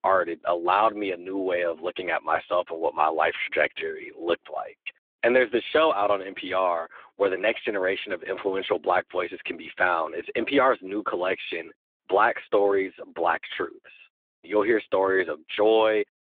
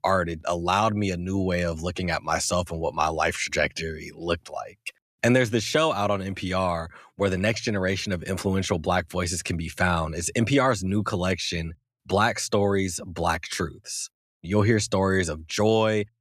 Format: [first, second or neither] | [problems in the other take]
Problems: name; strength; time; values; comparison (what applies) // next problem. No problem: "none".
second | phone-call audio